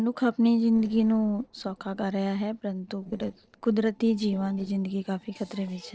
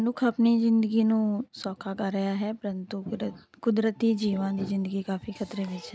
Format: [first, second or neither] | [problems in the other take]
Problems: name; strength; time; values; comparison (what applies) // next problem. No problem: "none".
second | noise reduction (neural separator model SepFormer DNS4)